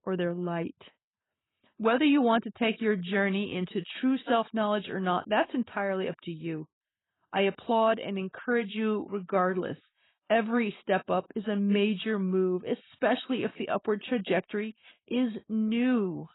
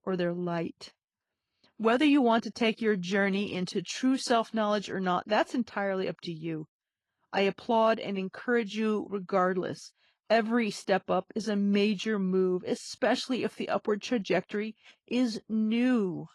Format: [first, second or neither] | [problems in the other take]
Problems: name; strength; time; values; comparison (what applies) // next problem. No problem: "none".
second | garbled, watery; badly; nothing above 4 kHz; slightly in the second